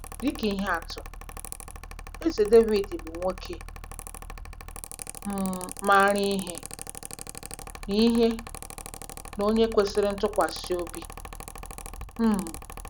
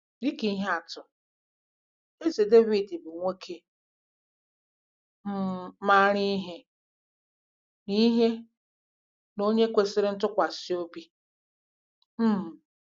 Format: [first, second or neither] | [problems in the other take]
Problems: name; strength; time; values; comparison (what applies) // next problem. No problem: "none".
second | background sound (Mechanical fan); 12 dB below the speech